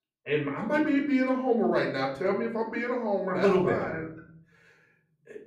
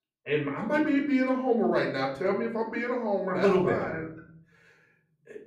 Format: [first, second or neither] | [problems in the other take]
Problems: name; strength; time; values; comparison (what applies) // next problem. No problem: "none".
neither | off-mic speech; far; the same in both // room echo; slight; dies away in 0.6 s; the same in both